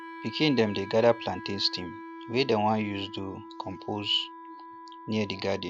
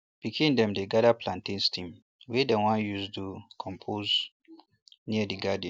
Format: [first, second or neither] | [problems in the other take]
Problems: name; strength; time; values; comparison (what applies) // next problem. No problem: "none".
second | background sound (Wind instrument, woodwind instrument); 14 dB below the speech